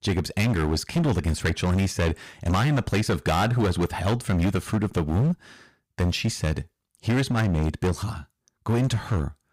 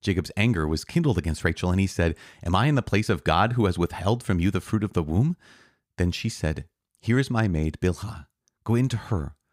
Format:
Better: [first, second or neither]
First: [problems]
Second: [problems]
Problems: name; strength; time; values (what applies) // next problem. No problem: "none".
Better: second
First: distortion; heavy; 16% of the sound clipped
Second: none